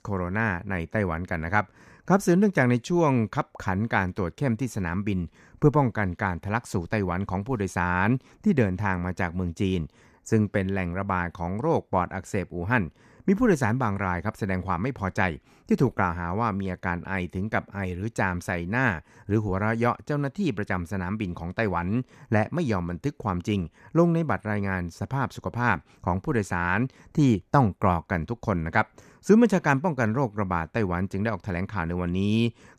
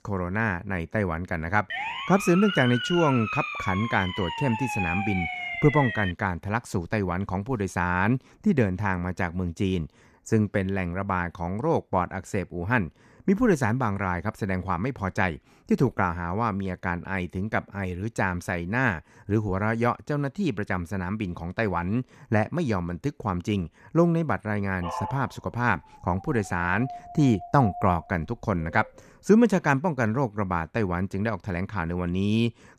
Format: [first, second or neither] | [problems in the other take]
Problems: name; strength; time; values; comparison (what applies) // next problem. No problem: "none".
first | siren; noticeable; from 1.5 to 6 s; peak 2 dB below the speech // dog barking; noticeable; from 25 to 29 s; peak 7 dB below the speech